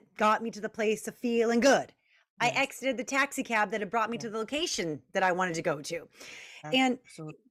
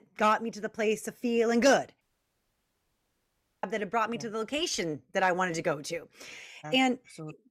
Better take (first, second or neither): first